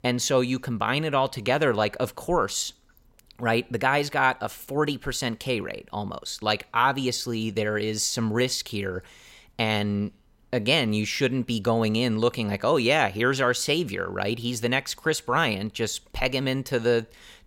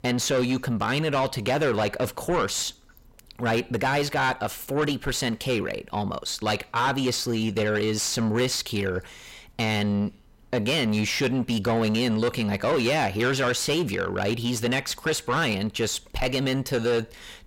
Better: first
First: none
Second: distortion; heavy; 8 dB below the speech

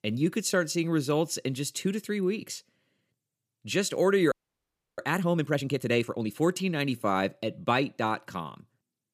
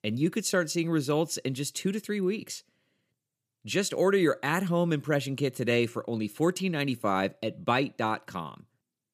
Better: second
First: audio freezing; at 4.5 s for 0.5 s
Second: none

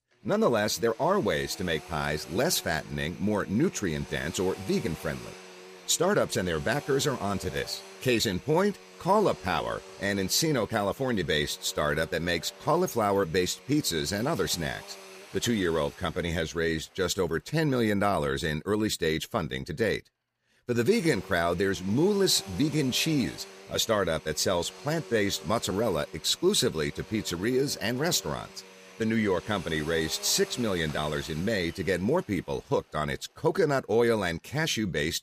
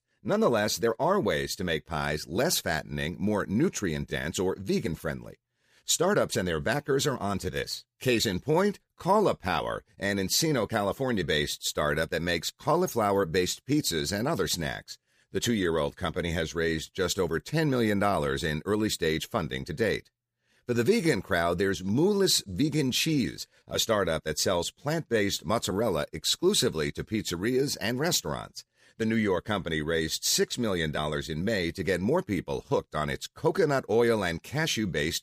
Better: second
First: household noises; noticeable; throughout; 20 dB below the speech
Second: none

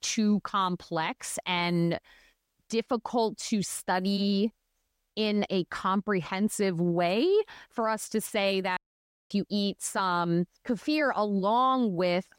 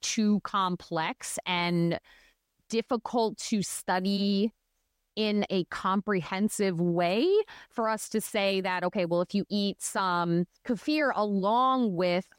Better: second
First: audio cutting out; at 9 s for 0.5 s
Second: none

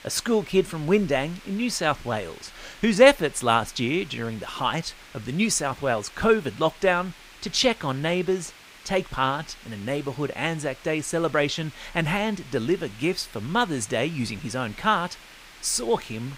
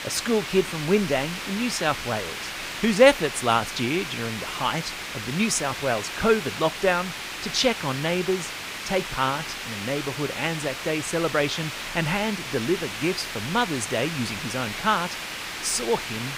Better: first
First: hiss; faint; throughout; 20 dB below the speech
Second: hiss; loud; throughout; 6 dB below the speech

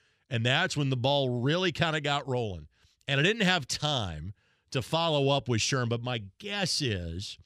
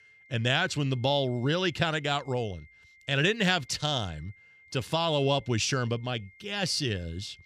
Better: first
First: none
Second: high-pitched whine; faint; throughout; 2 kHz, 25 dB below the speech

